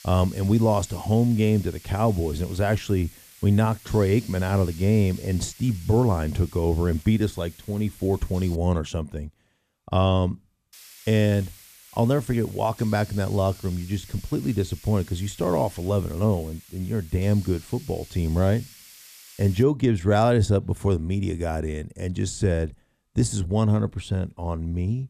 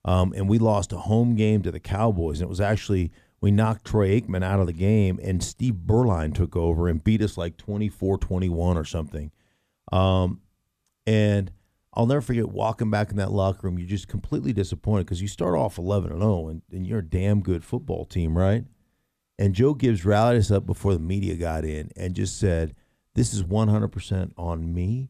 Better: second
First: hiss; faint; until 8.5 s and from 11 to 20 s; 20 dB below the speech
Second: none

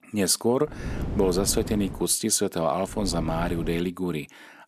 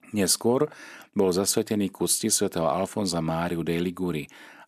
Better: second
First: wind noise on the microphone; occasional gusts; from 1 to 2 s and at 3 s; 15 dB below the speech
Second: none

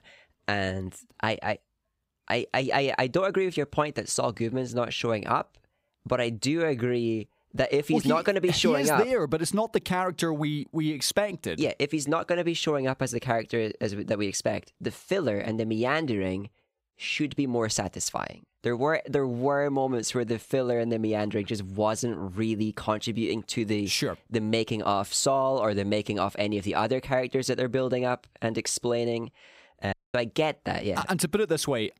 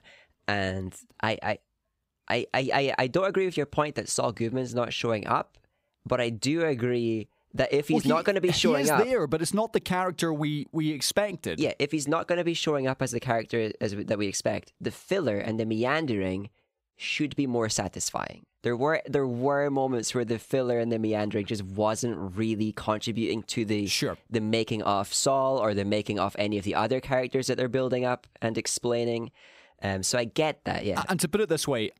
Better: second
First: audio cutting out; at 30 s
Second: none

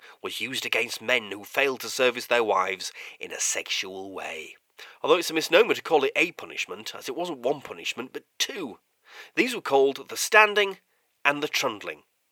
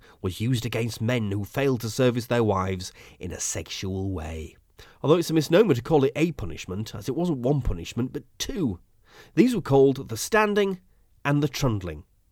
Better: second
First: thin; very; fading below 600 Hz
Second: none

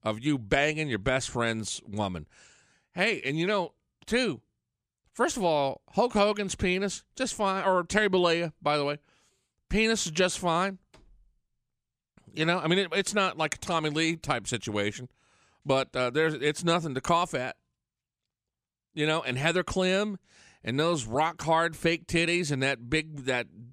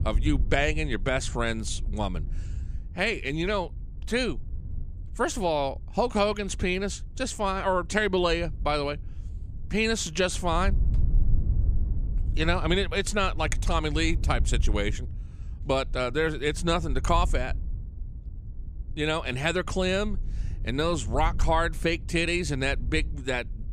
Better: first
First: none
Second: wind noise on the microphone; occasional gusts; 25 dB below the speech

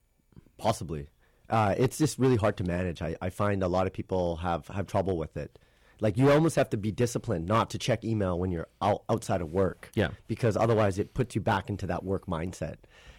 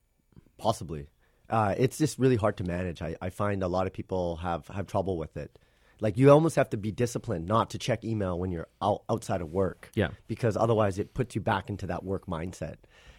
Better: second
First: distortion; slight; 3% of the sound clipped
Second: none

